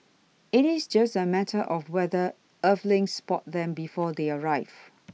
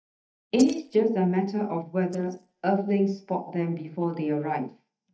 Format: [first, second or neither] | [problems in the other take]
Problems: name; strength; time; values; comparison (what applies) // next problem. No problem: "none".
first | noise reduction (neural mask model DeepFilterNet 3)